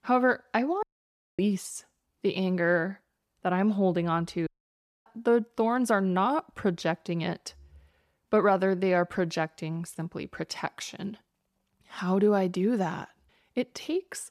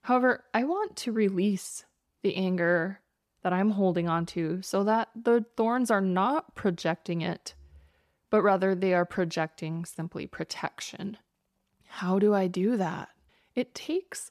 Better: second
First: audio cutting out; at 1 s for 0.5 s and at 4.5 s for 0.5 s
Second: none

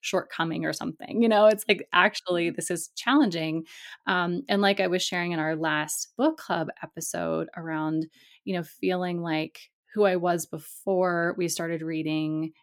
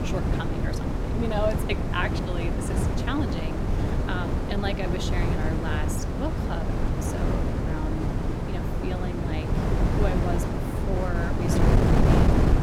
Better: first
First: none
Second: wind noise on the microphone; heavy; 2 dB above the speech

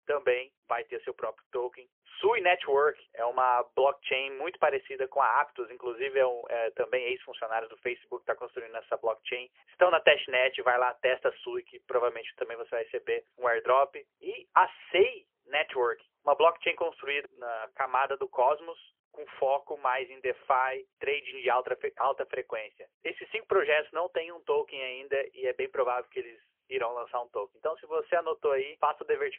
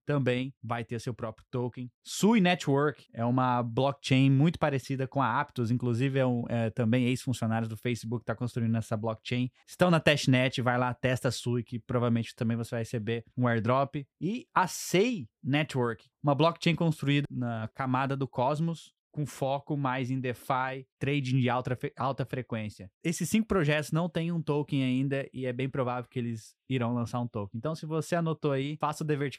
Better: second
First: phone-call audio; poor line; nothing above 3 kHz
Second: none

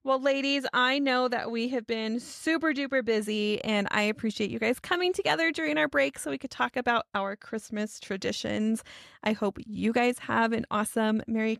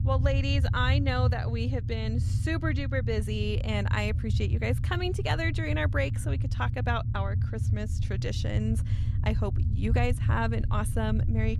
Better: first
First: none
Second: low rumble; noticeable; throughout; 10 dB below the speech

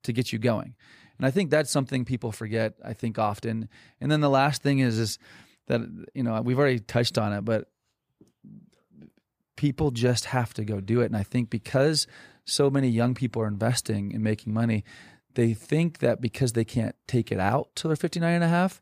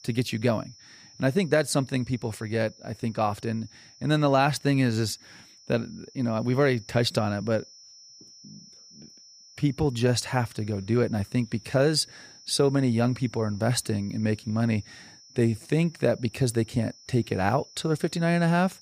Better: first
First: none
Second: high-pitched whine; faint; throughout; 5.5 kHz, 25 dB below the speech

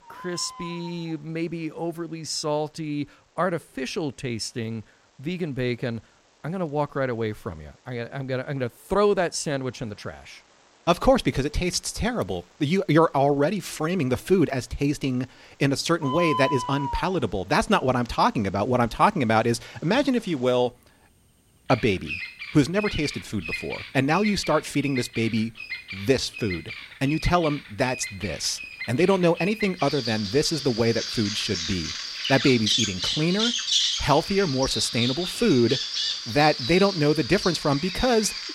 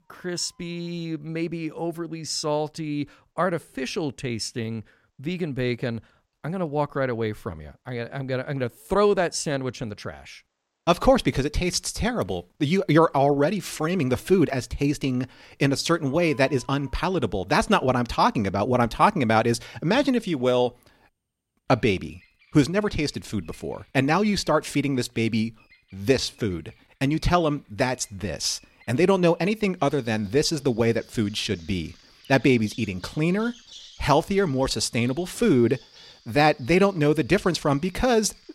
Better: second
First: animal sounds; loud; throughout; 5 dB below the speech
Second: animal sounds; faint; throughout; 25 dB below the speech

